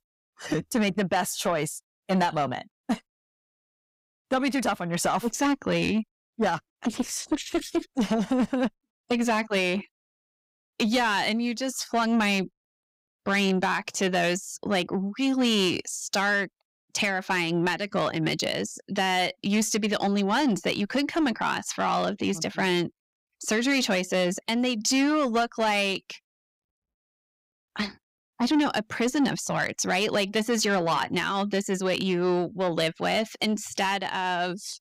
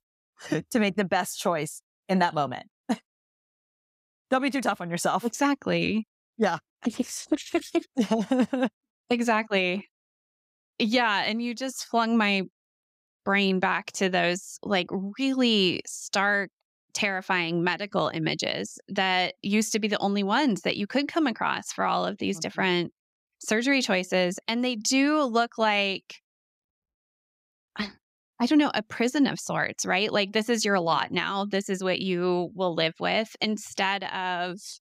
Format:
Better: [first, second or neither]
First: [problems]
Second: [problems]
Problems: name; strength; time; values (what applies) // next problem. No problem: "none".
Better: second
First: distortion; slight; 10 dB below the speech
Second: none